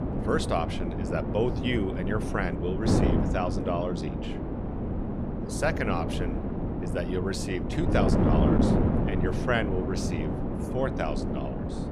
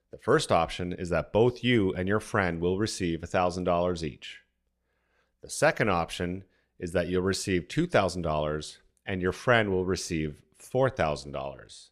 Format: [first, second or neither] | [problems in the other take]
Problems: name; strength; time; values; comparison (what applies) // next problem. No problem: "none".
second | wind noise on the microphone; heavy; 2 dB below the speech